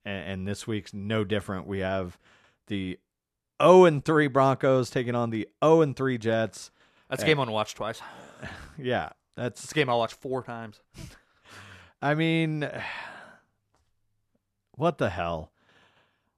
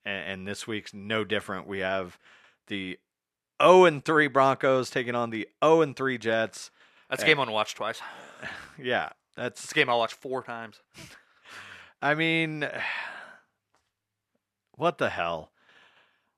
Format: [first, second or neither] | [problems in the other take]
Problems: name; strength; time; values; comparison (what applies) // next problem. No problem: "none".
first | thin; very slightly; fading below 600 Hz